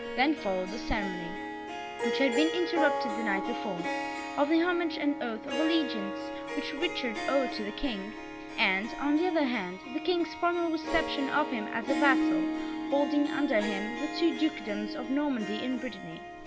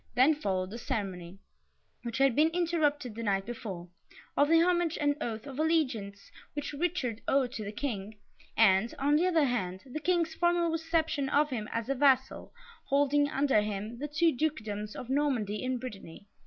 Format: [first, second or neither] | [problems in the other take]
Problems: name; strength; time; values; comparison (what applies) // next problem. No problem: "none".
second | background sound (Harp); 4 dB below the speech